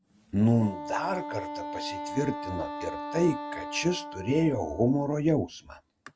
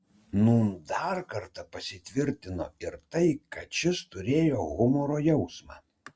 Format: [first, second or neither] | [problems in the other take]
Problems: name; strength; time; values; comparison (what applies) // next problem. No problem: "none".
second | background sound (Wind instrument, woodwind instrument); 10 dB below the speech